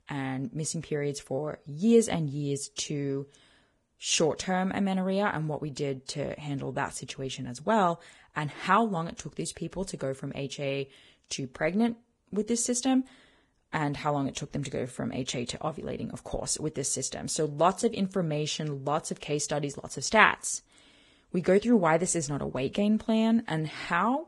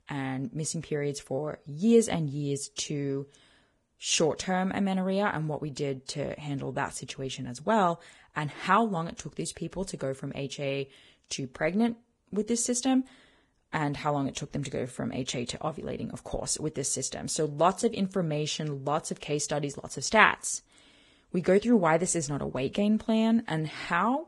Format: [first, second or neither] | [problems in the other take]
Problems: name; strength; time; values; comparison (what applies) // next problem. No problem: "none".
neither | garbled, watery; badly; nothing above 10 kHz; the same in both